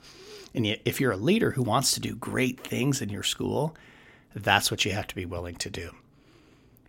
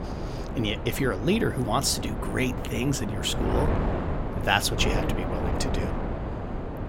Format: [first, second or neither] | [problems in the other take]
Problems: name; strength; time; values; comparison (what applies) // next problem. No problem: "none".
first | wind noise on the microphone; heavy; 6 dB below the speech